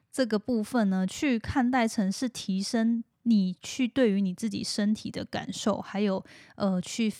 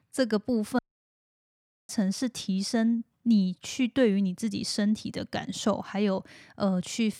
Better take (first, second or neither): first